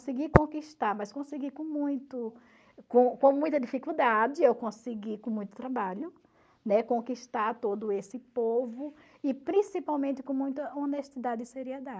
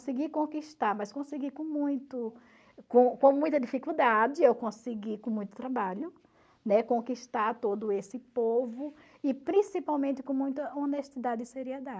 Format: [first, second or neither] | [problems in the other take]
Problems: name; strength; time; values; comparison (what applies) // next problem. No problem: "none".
second | noise reduction (neural mask model Resemble Enhance denoiser)